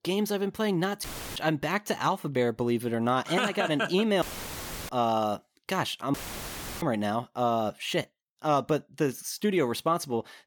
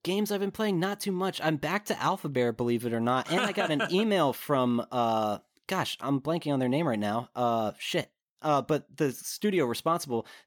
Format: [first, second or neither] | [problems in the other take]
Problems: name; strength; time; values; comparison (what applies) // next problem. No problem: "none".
second | audio cutting out; filled with static; at 1 s, at 4 s for 0.5 s and at 6 s for 0.5 s